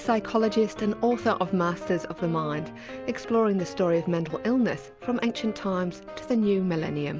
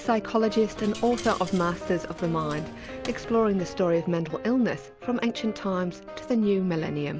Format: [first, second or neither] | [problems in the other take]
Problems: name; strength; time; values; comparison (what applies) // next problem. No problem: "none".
first | background sound (Coin (dropping)); 16 dB below the speech